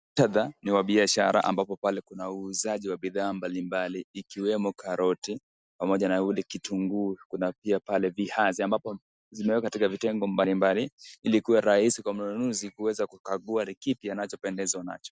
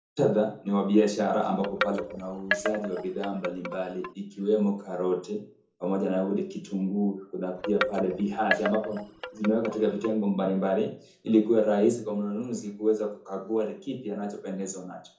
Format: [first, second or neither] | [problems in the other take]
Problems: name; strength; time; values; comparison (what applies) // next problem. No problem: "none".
first | background sound (Wind chime); 6 dB below the speech // room echo; dies away in 0.6 s